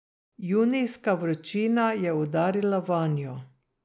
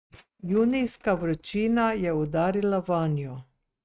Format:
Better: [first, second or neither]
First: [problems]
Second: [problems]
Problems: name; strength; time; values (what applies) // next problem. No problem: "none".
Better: first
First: none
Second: noise reduction (neural mask model RNNoise)